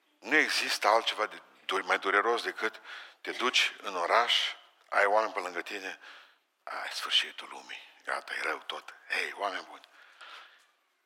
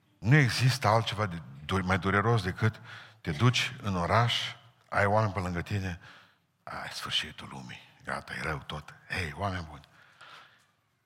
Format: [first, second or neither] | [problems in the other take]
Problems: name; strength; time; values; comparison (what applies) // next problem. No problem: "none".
second | thin; very; fading below 300 Hz